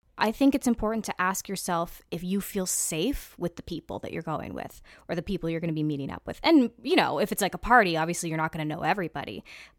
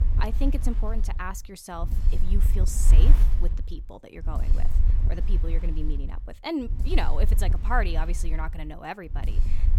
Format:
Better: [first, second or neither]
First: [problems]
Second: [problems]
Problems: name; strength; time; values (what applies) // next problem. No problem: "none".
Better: first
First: none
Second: wind noise on the microphone; occasional gusts; 10 dB below the speech